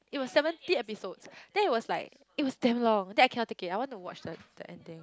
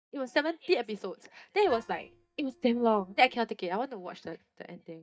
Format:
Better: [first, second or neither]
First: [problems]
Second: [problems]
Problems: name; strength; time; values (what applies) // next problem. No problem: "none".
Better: first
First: none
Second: noise reduction (neural mask model DeepFilterNet 3)